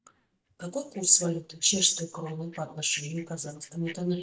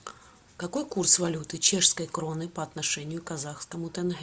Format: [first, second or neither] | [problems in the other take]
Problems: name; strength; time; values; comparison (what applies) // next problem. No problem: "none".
second | noise reduction (neural mask model DeepFilterNet 3)